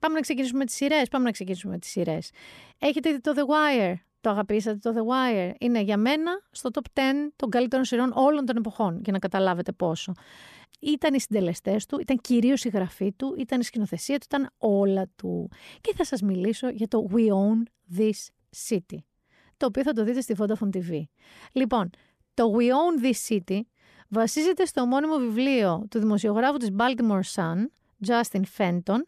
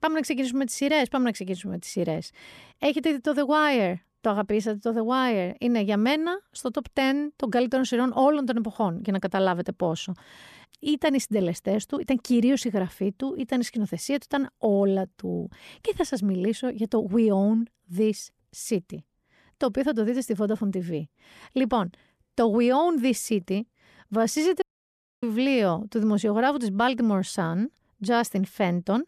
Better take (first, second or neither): first